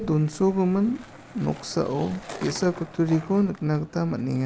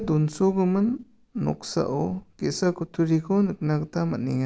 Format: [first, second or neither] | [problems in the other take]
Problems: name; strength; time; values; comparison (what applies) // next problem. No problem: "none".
second | background sound (Skateboard); 18 dB below the speech